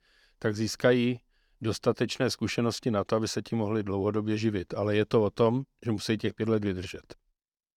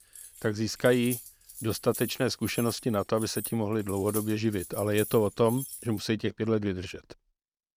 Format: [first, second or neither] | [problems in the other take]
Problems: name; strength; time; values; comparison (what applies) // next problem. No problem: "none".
first | jangling keys; noticeable; until 6 s; peak 7 dB below the speech